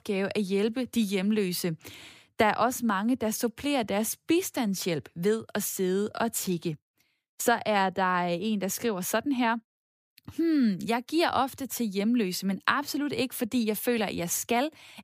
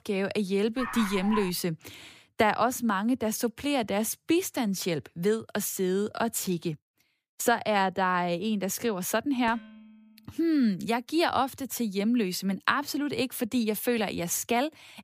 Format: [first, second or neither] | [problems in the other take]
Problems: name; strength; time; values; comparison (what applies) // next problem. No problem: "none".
first | dog barking; noticeable; at 1 s; peak 6 dB below the speech // clattering dishes; faint; at 9.5 s; peak 20 dB below the speech